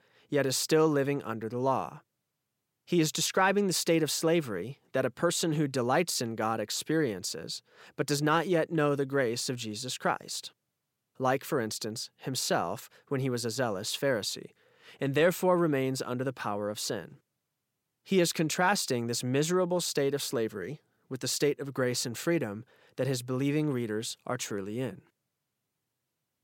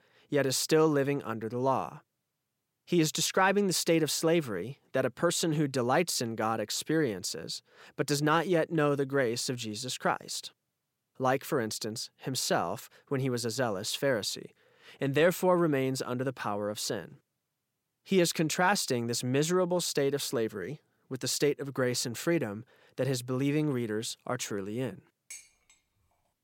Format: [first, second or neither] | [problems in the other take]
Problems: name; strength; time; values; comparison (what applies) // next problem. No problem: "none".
first | clattering dishes; faint; at 25 s; peak 15 dB below the speech